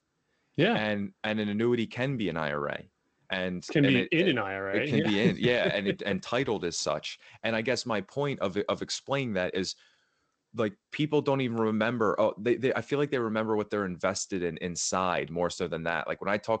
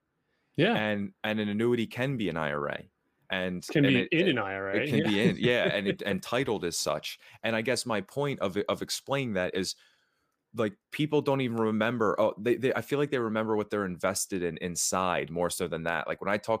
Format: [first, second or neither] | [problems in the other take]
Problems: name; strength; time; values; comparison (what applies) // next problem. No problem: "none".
second | garbled, watery; slightly; nothing above 8 kHz